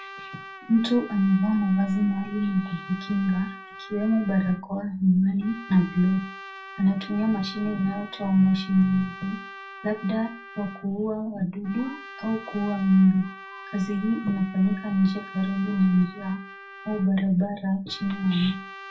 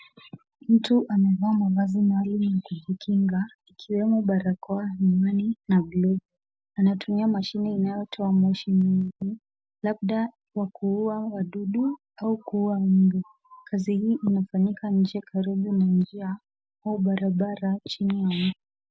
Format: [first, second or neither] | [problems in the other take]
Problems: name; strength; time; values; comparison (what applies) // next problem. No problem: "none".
second | background sound (Trumpet); 17 dB below the speech // room echo; dies away in 0.2 s